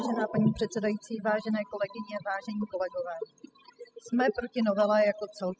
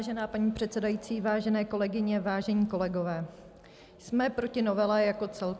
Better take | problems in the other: second | noise reduction (classical method spectral subtraction)

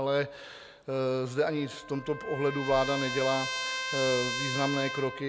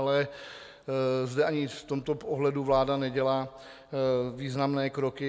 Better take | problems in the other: second | background sound (Trumpet); 6 dB below the speech

